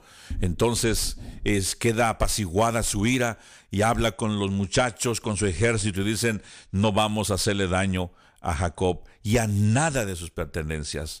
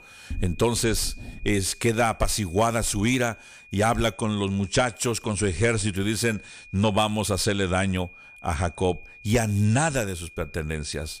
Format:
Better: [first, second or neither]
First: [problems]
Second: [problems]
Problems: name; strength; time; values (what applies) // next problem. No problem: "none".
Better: first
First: none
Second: high-pitched whine; faint; throughout; 2.5 kHz, 20 dB below the speech